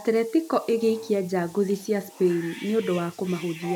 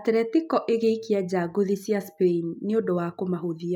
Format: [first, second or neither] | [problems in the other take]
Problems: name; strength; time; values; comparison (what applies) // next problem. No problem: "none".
second | background sound (Bathtub (filling or washing) / Cat); 18 dB below the speech